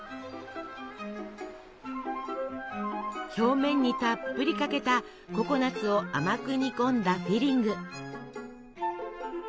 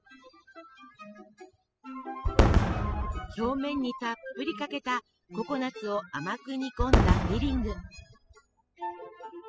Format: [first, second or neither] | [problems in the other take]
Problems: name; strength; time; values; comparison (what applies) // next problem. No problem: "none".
first | noise reduction (classical method spectral subtraction)